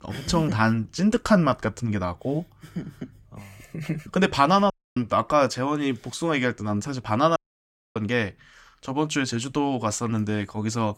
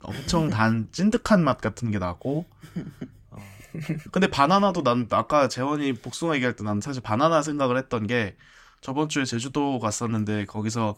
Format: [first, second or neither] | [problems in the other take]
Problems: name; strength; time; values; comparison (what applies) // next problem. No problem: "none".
second | audio cutting out; at 4.5 s and at 7.5 s for 0.5 s